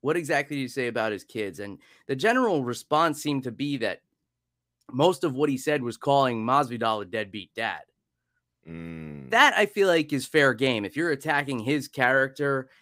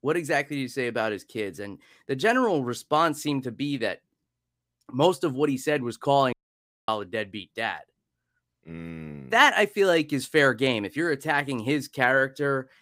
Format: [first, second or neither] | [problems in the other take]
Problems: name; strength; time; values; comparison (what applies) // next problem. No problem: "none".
first | audio cutting out; at 6.5 s for 0.5 s